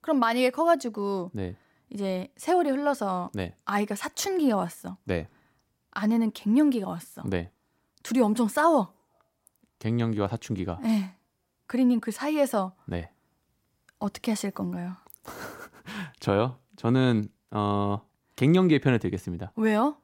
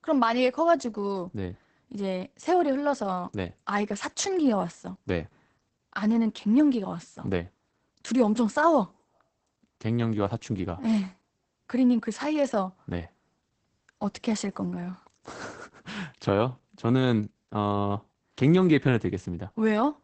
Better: first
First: none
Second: garbled, watery; badly; nothing above 8 kHz

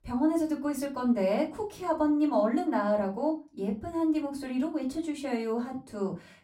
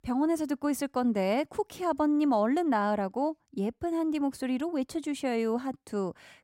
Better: second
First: off-mic speech; far // room echo; very slight; dies away in 0.3 s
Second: none

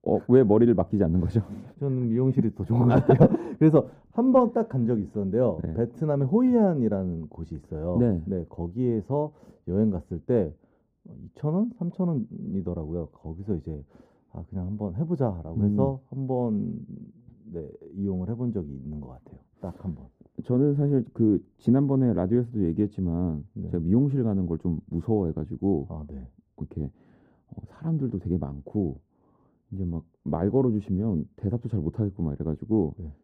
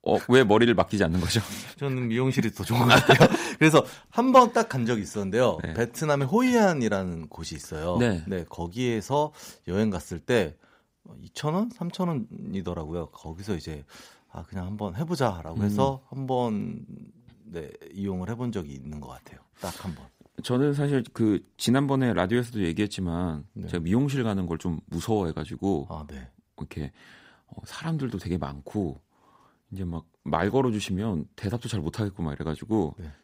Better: second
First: muffled; very; fading above 1 kHz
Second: none

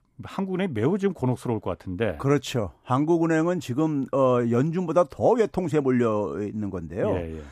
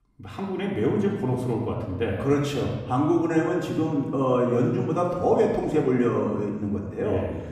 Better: first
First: none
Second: room echo; noticeable; dies away in 1.1 s // off-mic speech; somewhat distant

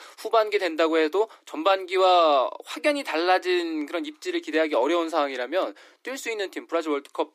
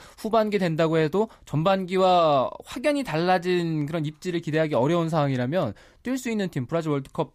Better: second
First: thin; somewhat; fading below 300 Hz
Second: none

